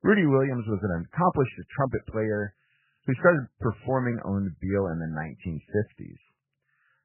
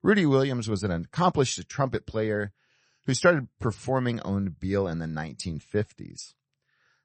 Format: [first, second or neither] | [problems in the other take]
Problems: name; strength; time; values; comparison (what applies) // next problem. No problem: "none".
second | garbled, watery; badly; nothing above 3 kHz; slightly in the second